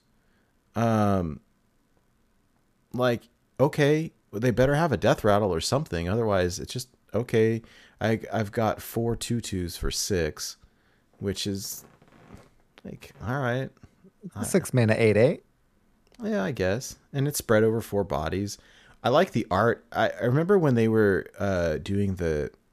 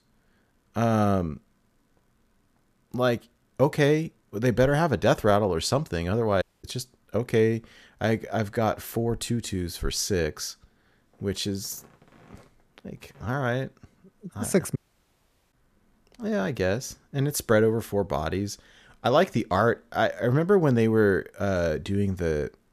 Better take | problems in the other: first | audio cutting out; at 6.5 s and at 15 s for 1 s

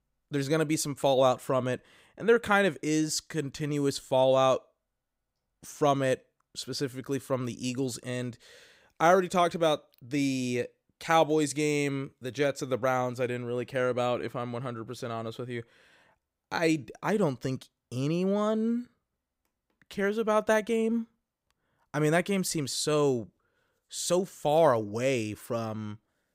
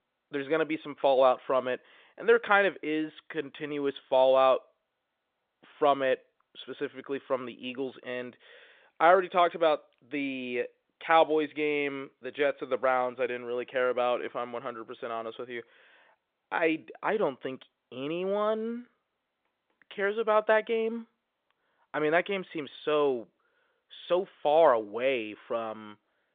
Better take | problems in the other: first | phone-call audio; nothing above 3.5 kHz

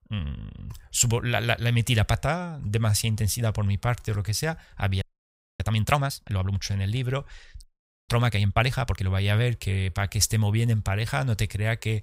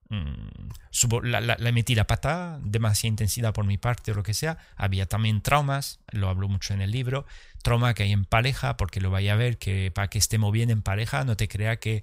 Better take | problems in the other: second | audio freezing; at 5 s for 0.5 s and at 7.5 s

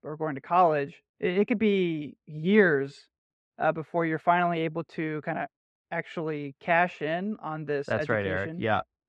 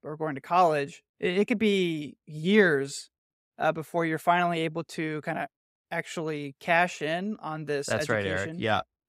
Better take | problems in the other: second | muffled; slightly; fading above 2.5 kHz

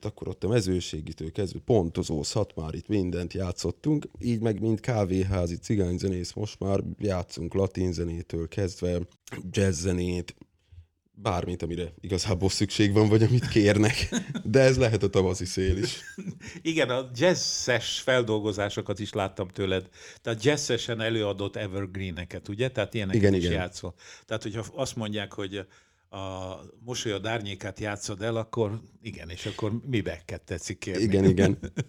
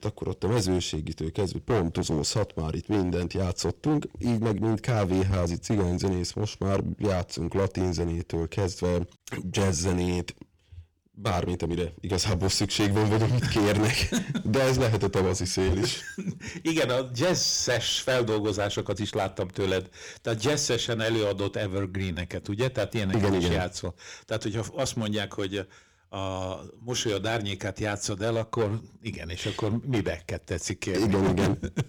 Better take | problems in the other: first | distortion; heavy; 11% of the sound clipped

